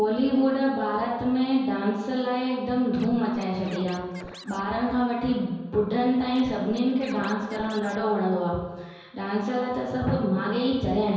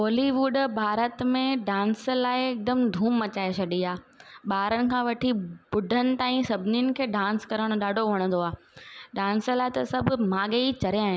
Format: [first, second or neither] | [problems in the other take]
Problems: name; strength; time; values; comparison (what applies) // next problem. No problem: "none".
second | background sound (Scratching (performance technique)); 19 dB below the speech // room echo; dies away in 1.2 s